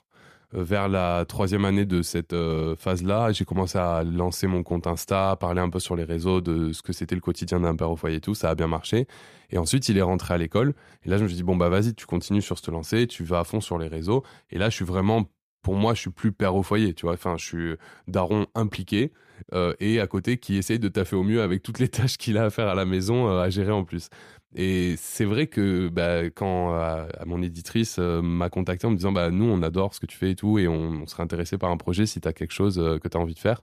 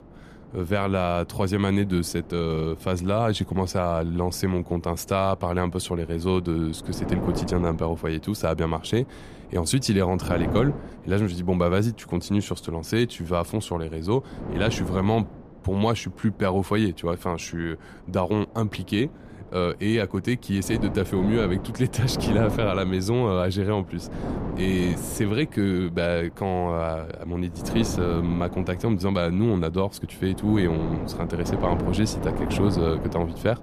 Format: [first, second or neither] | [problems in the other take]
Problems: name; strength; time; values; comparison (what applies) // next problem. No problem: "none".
first | wind noise on the microphone; heavy; 9 dB below the speech